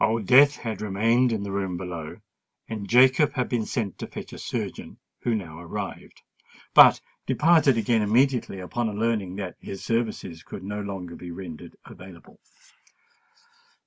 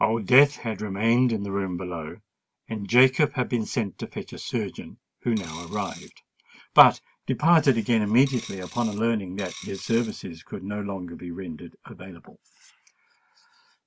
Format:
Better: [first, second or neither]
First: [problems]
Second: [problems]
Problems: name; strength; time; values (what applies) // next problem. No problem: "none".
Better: first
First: none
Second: background sound (Coin (dropping)); 17 dB below the speech